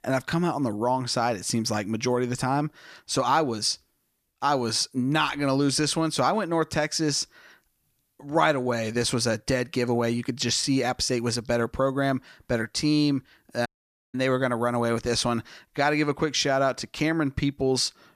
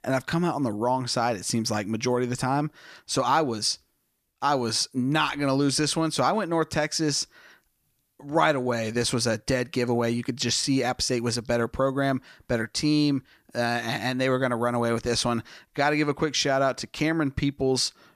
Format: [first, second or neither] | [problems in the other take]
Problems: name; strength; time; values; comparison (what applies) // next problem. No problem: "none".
second | audio cutting out; at 14 s